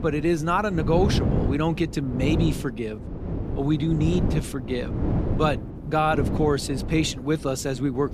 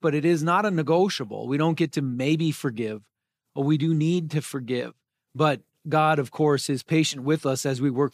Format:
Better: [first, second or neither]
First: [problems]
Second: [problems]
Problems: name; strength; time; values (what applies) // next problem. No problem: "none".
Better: second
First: wind noise on the microphone; heavy; 9 dB below the speech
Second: none